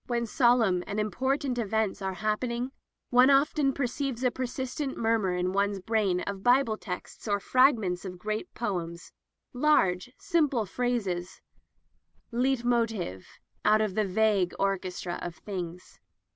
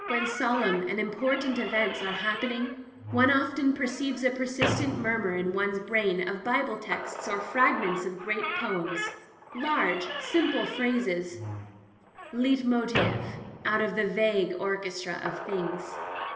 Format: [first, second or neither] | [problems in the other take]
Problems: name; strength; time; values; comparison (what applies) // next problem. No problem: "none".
first | background sound (Squeak / Slam); 7 dB below the speech // room echo; dies away in 1.4 s